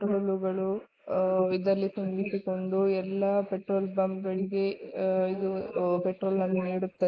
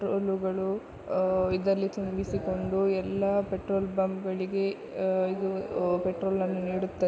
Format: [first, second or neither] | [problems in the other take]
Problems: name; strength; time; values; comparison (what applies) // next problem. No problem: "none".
second | noise reduction (neural mask model Resemble Enhance denoiser)